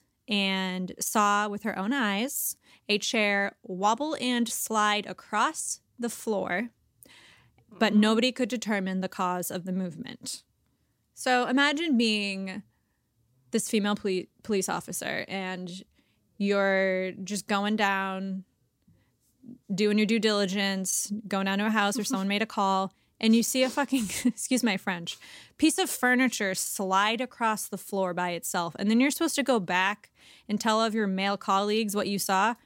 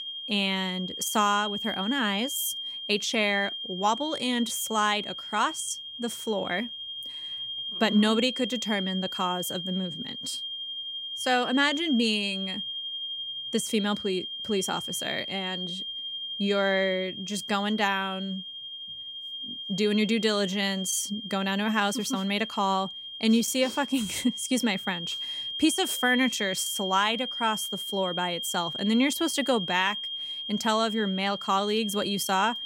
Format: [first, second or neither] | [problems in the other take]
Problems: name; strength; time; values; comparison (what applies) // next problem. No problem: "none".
first | high-pitched whine; loud; throughout; 3 kHz, 6 dB below the speech